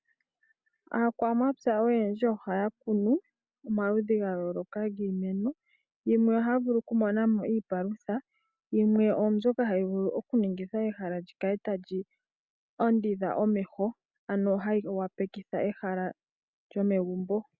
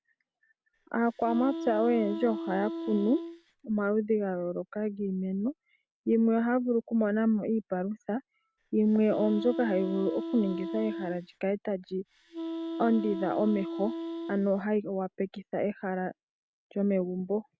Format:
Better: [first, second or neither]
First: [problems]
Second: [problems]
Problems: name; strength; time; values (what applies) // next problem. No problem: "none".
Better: first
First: none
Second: background sound (Wind instrument, woodwind instrument); 7 dB below the speech